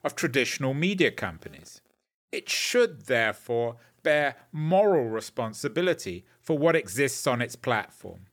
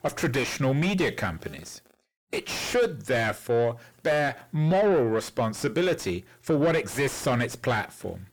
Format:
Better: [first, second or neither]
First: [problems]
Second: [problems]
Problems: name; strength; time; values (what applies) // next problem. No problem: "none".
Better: first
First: none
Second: distortion; heavy; 6 dB below the speech